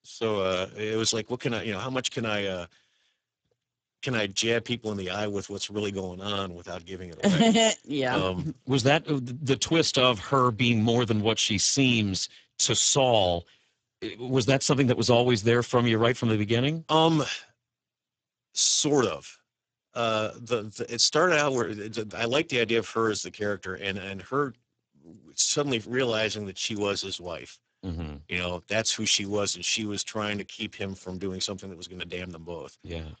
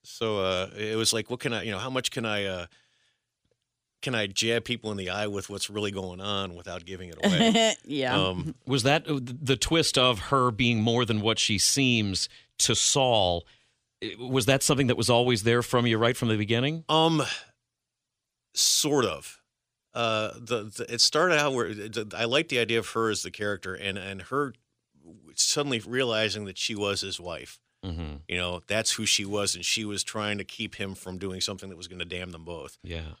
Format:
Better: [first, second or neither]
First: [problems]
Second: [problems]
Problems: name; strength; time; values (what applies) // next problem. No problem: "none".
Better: second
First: garbled, watery; badly; nothing above 7.5 kHz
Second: none